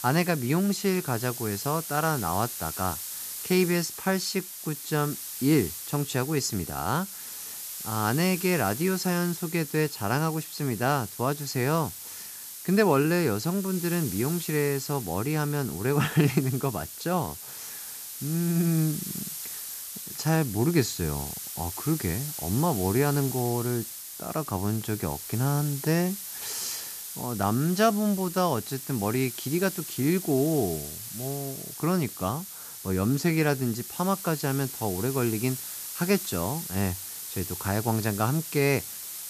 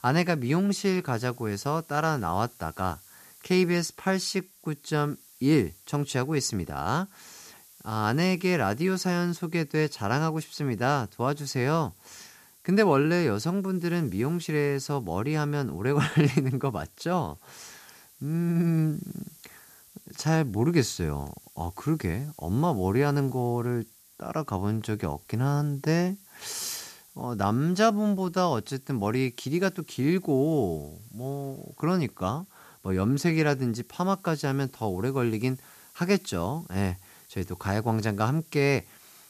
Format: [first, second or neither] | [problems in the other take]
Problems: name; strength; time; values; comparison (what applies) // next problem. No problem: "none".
second | hiss; loud; throughout; 8 dB below the speech; faint in the second